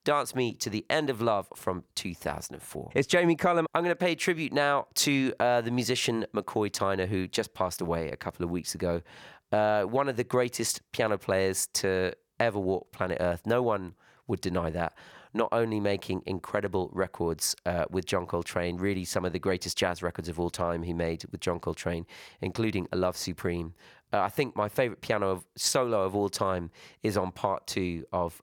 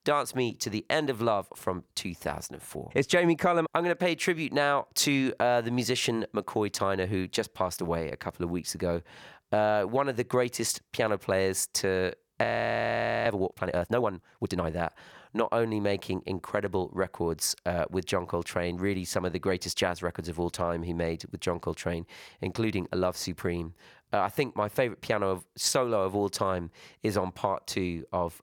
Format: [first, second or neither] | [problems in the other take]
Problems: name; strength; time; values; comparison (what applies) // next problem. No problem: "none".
first | audio freezing; at 12 s for 1 s